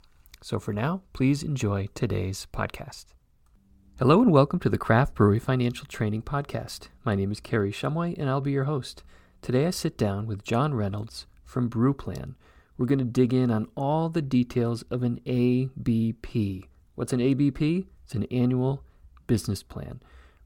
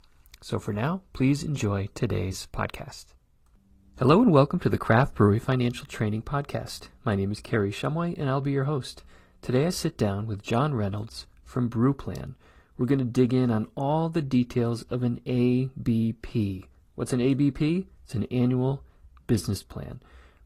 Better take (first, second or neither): first